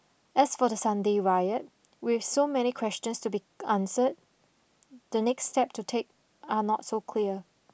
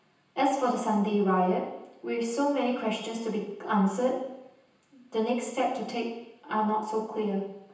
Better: first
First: none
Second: room echo; dies away in 0.9 s

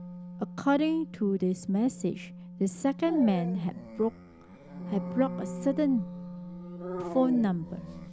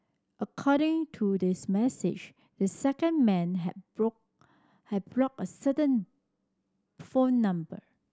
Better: second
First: background sound (Dog + Wind instrument, woodwind instrument); 10 dB below the speech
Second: none

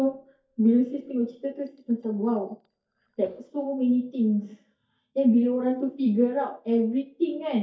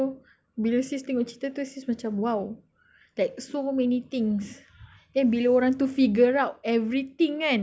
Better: second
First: noise reduction (neural mask model DeepFilterNet 3)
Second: none

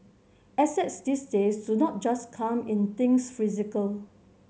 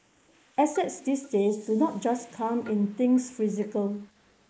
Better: first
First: none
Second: noise reduction (neural mask model Resemble Enhance denoiser)

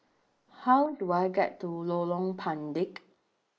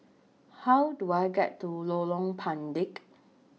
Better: second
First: noise reduction (neural mask model Resemble Enhance denoiser)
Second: none

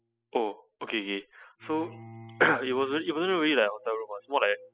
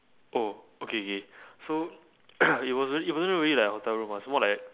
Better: second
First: noise reduction (classical method spectral subtraction)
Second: none

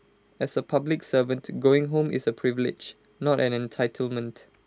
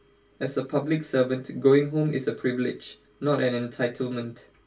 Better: first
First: none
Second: room echo; dies away in 0.2 s

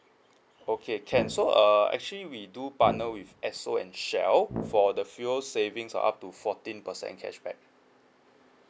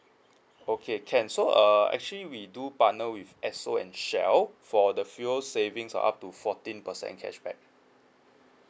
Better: second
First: background sound (Brass instrument); 9 dB below the speech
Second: none

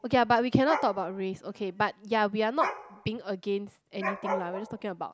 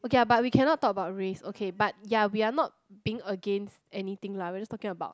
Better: second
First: background sound (Dog); 9 dB below the speech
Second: none

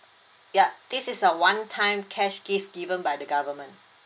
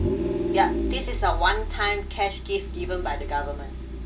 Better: first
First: none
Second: background sound (Vehicle); as loud as the speech // room echo; dies away in 0.2 s

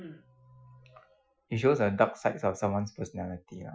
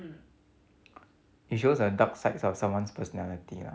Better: second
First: noise reduction (classical method Wiener filter)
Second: none

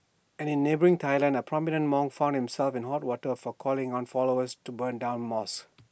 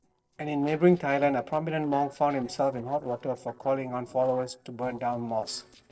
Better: first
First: none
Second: noise reduction (neural separator model SepFormer DNS4)

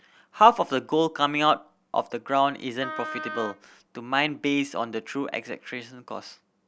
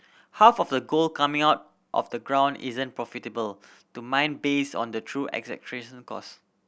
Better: second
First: background sound (Wind instrument, woodwind instrument); 10 dB below the speech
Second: none

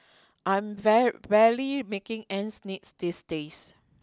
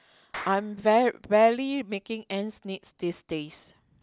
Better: first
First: none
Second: background sound (Clapping); 20 dB below the speech

